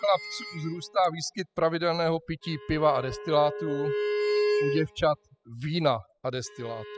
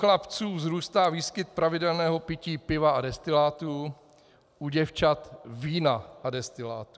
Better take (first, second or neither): second